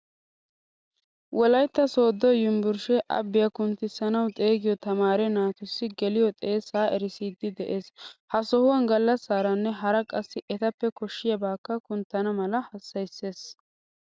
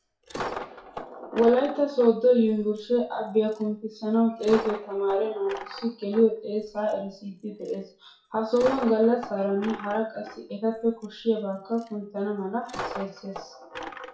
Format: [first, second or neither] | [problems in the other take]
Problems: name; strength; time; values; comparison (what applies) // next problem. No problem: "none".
first | noise reduction (classical method WPE with log-MMSE)